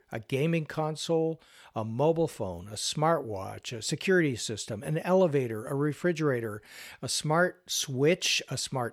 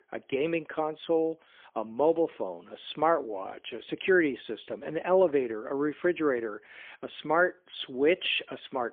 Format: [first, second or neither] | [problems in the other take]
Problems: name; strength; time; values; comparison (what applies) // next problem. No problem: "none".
first | phone-call audio; poor line; nothing above 3.5 kHz